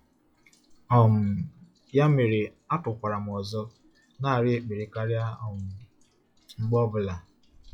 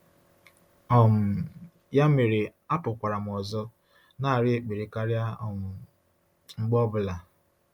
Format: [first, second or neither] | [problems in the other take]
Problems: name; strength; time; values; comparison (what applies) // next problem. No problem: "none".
second | noise reduction (classical method log-MMSE)